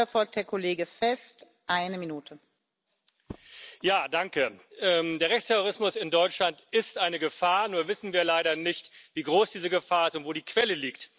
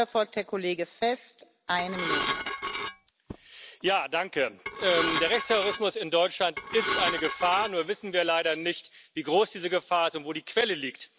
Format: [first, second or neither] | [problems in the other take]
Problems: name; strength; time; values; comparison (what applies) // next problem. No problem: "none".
first | background sound (Dishes, pots, and pans / Glass); 3 dB below the speech